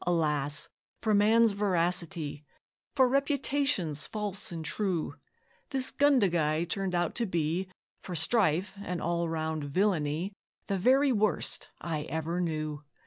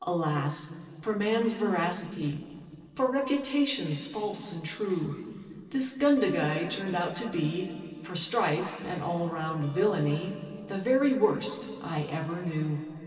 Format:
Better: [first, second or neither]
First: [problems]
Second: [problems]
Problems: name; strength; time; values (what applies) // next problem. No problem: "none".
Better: first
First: none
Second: noise reduction (neural separator model SepFormer DNS4)